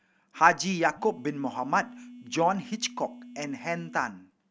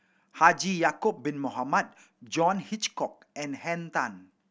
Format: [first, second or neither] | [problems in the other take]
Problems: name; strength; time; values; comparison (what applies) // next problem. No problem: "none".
second | background sound (Telephone); 18 dB below the speech